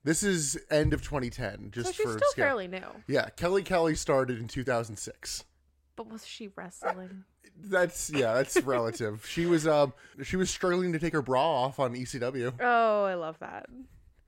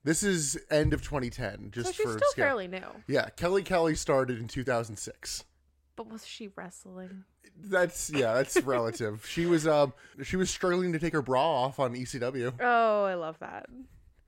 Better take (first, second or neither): second